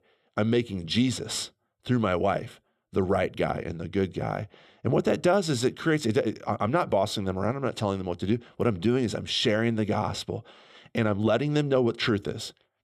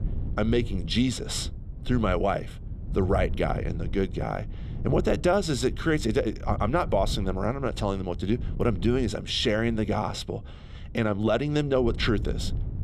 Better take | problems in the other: first | wind noise on the microphone; occasional gusts; 20 dB below the speech

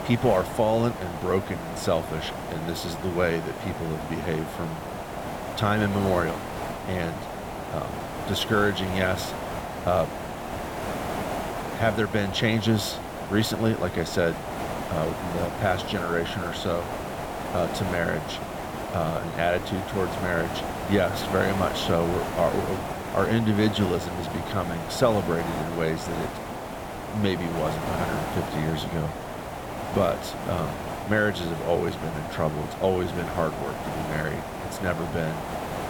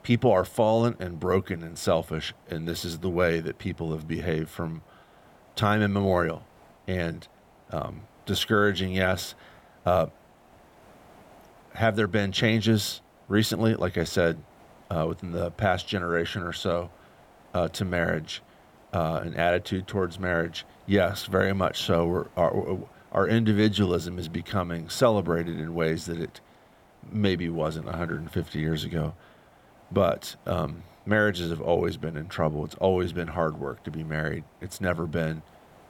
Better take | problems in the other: second | hiss; loud; throughout; 5 dB below the speech; faint in the second

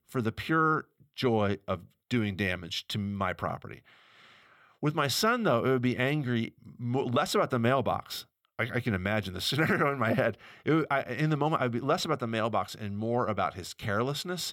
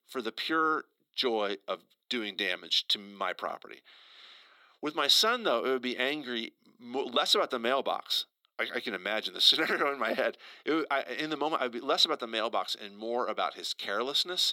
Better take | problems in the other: first | thin; somewhat; fading below 300 Hz

